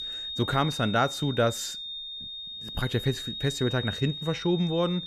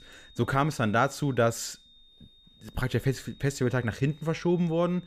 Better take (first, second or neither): second